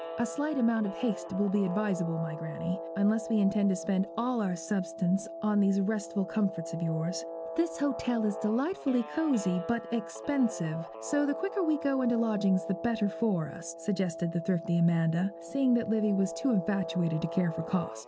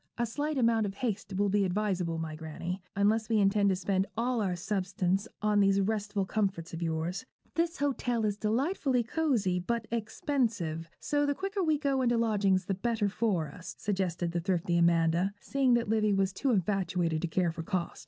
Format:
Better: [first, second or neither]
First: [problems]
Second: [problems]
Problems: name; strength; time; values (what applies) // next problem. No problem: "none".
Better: second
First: background sound (Guitar); 10 dB below the speech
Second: none